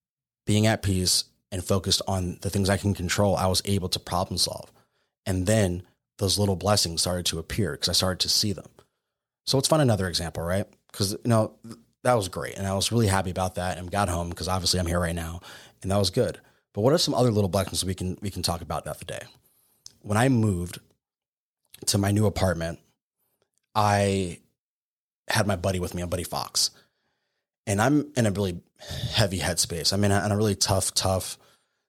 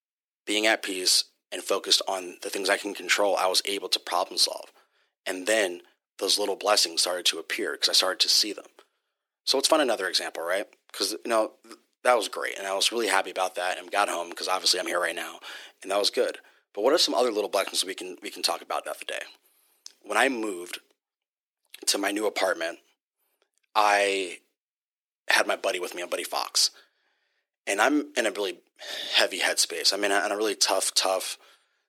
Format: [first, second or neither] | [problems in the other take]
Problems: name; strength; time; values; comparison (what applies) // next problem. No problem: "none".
first | thin; very; fading below 300 Hz